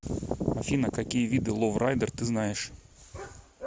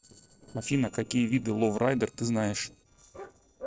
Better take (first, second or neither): first